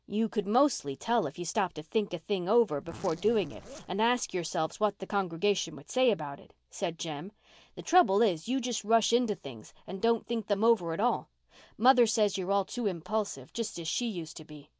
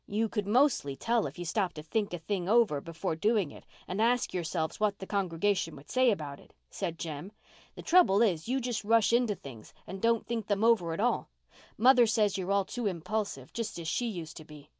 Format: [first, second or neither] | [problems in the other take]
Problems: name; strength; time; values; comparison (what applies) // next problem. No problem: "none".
second | background sound (Zipper (clothing)); 19 dB below the speech